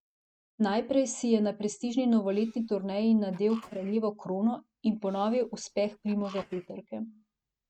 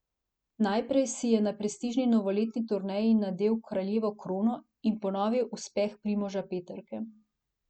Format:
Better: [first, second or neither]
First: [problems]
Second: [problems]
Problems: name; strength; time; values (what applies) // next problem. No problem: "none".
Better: second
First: noise reduction (neural mask model RNNoise)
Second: none